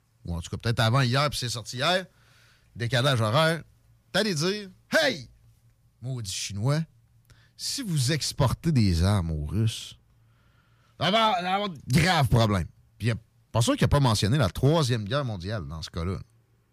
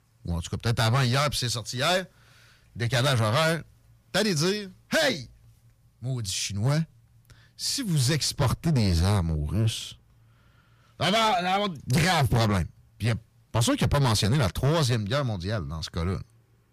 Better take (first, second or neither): first